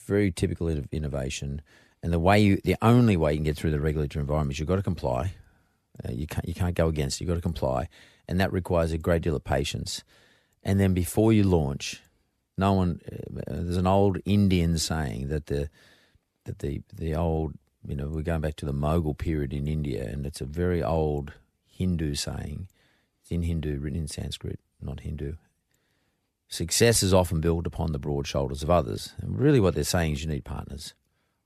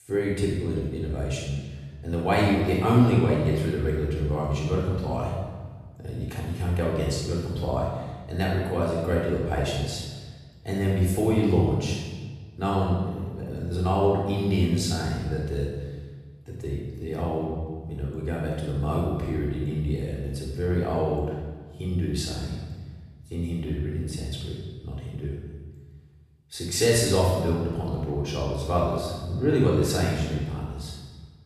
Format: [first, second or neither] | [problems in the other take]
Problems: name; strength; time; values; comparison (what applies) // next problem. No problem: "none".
first | room echo; strong; dies away in 1.2 s // off-mic speech; far